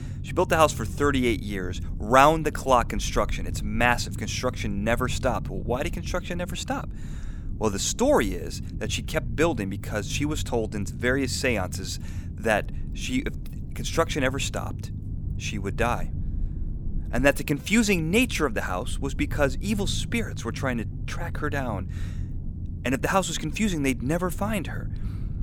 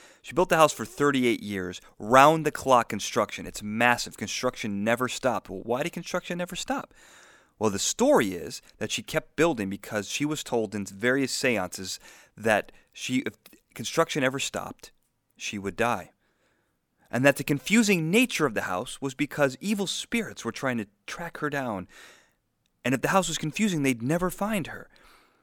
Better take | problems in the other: second | low rumble; faint; throughout; 20 dB below the speech

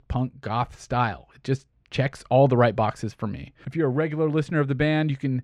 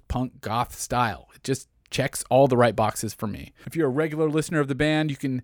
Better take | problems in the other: second | muffled; slightly; fading above 3.5 kHz

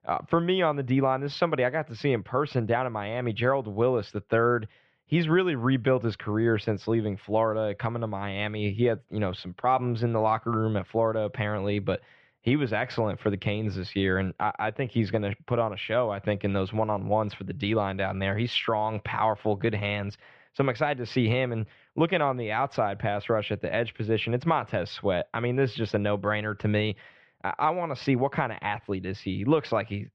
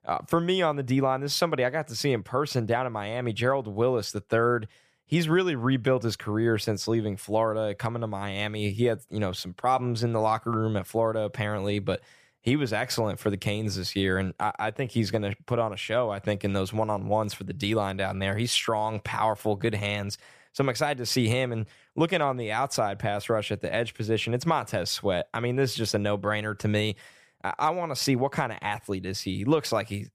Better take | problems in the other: second | muffled; slightly; fading above 3.5 kHz

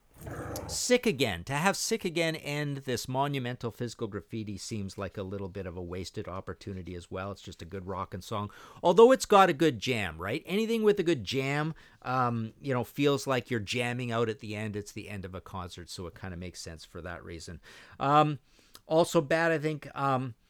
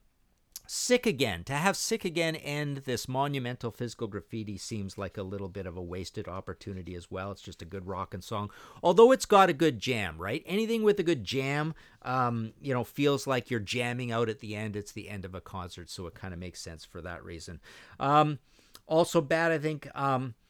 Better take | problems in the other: second | dog barking; faint; at the start; peak 10 dB below the speech

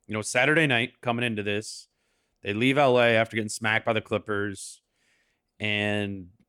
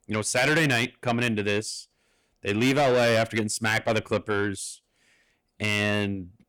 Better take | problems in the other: first | distortion; heavy; 8 dB below the speech

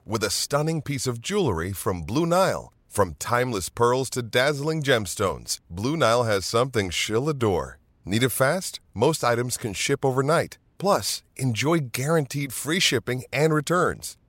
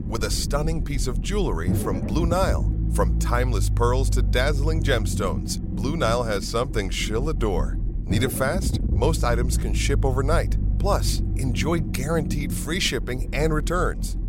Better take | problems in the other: first | low rumble; noticeable; throughout; 10 dB below the speech

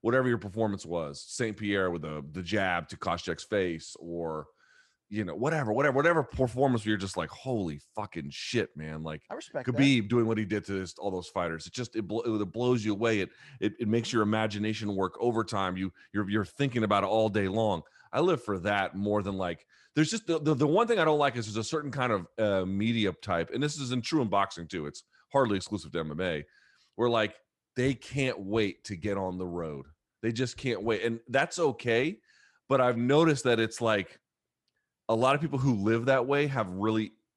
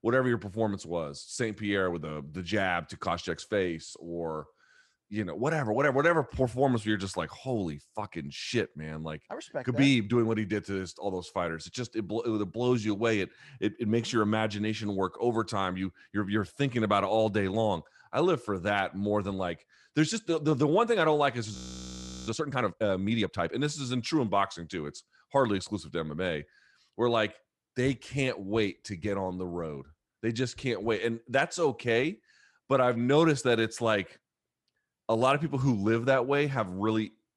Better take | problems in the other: first | audio freezing; at 22 s for 0.5 s

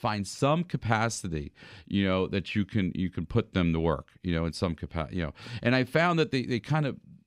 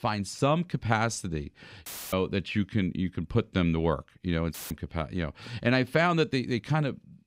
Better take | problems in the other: first | audio cutting out; filled with static; at 2 s and at 4.5 s

